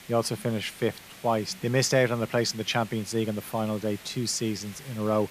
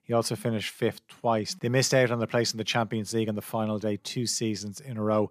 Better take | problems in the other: second | hiss; noticeable; throughout; 20 dB below the speech

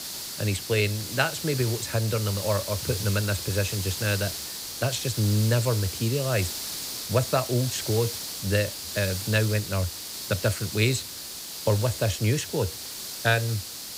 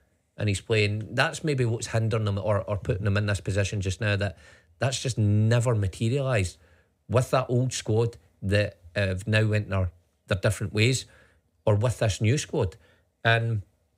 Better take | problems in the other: second | hiss; loud; throughout; 5 dB below the speech

